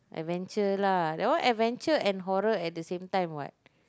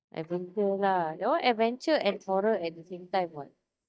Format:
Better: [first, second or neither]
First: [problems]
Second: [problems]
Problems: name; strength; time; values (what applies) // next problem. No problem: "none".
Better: first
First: none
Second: noise reduction (neural mask model DeepFilterNet 3)